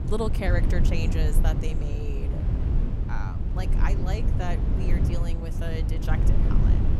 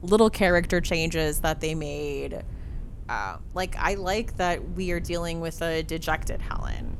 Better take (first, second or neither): second